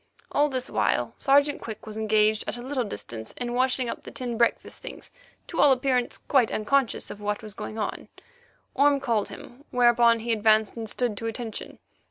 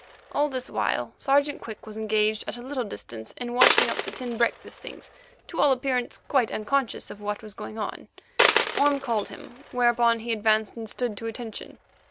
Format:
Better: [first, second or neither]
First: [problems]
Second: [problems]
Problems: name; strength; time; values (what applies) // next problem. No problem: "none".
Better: first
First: none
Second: background sound (Coin (dropping)); 5 dB below the speech